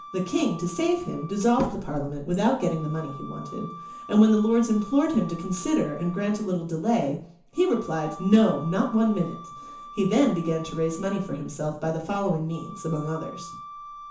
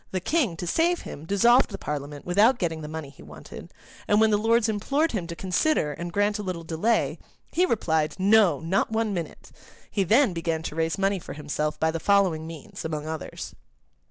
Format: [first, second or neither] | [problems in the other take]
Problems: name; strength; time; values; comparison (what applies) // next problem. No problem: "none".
second | background sound (Wind instrument, woodwind instrument); 17 dB below the speech // room echo; dies away in 0.9 s